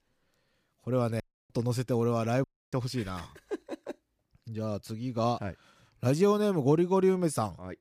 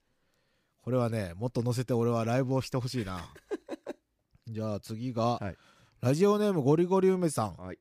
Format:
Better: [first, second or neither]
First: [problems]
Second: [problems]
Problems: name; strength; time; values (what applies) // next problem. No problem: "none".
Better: second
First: audio cutting out; at 1 s and at 2.5 s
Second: none